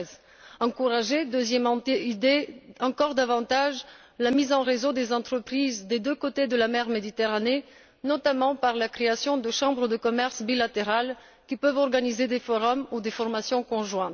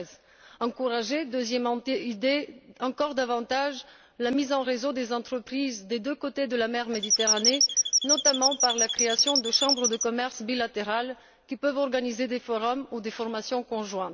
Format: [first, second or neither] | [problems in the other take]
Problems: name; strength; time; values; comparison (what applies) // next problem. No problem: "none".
first | background sound (Squeak / Chirp, tweet); 3 dB above the speech